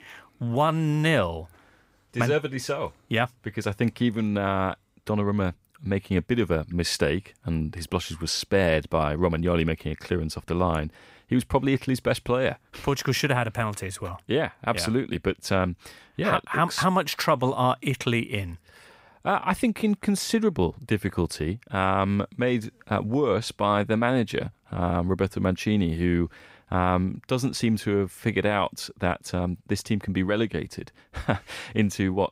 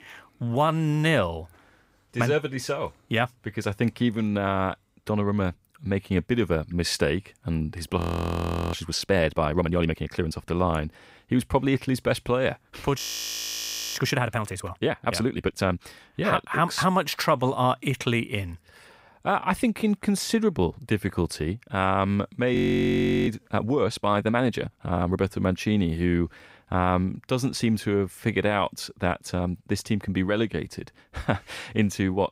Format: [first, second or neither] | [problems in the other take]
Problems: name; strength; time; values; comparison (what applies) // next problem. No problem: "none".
first | audio freezing; at 8 s for 0.5 s, at 13 s for 1 s and at 23 s for 0.5 s